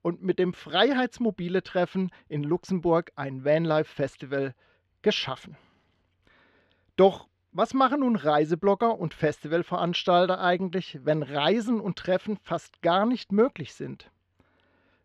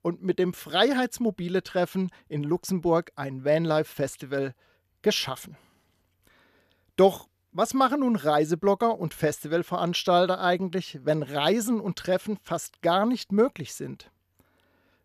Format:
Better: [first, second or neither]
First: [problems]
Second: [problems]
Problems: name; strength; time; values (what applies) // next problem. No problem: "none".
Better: second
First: muffled; very slightly; fading above 3 kHz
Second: none